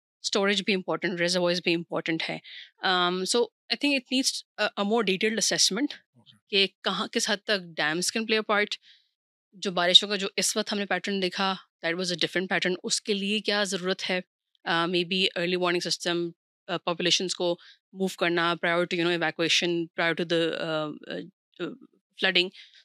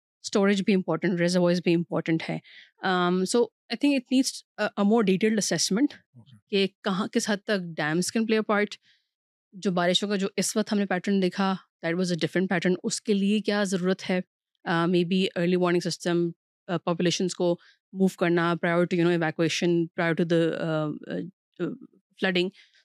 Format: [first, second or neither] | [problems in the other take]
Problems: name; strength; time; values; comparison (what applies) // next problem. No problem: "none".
second | thin; very slightly; fading below 500 Hz